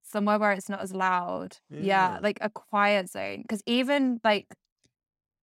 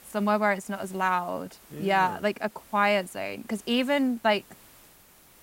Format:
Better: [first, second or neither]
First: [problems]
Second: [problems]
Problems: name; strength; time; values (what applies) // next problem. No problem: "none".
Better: first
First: none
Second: hiss; faint; throughout; 25 dB below the speech